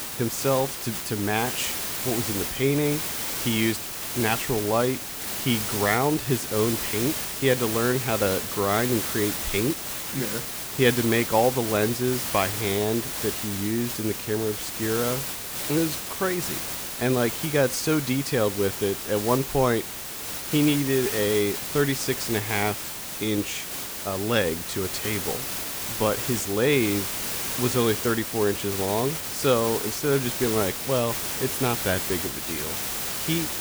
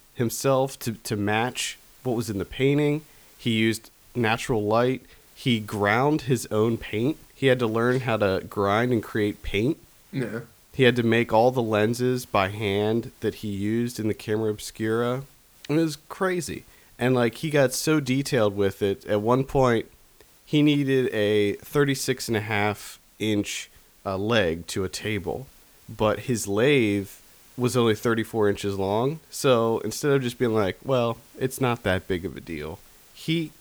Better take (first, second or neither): second